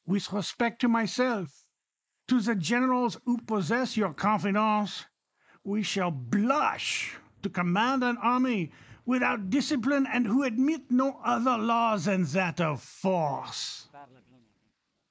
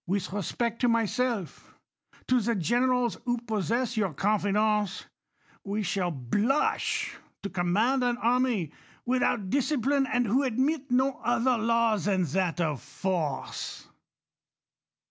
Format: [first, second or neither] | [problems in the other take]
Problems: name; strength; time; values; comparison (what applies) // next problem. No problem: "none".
second | noise reduction (neural mask model Resemble Enhance denoiser)